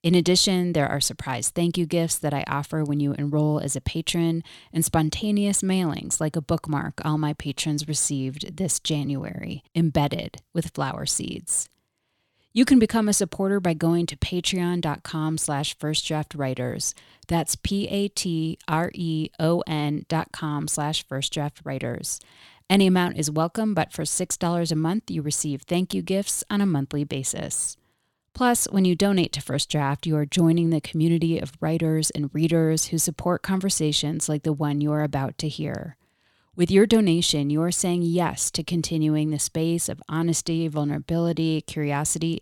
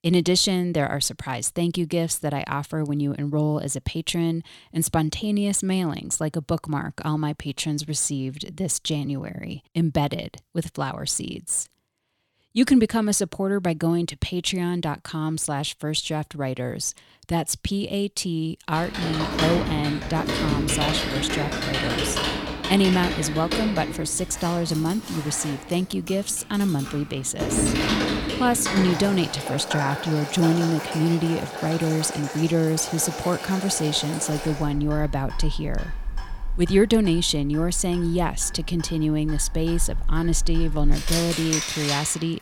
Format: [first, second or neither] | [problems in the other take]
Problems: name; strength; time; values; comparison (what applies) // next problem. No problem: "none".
first | household noises; loud; from 19 s on; 5 dB below the speech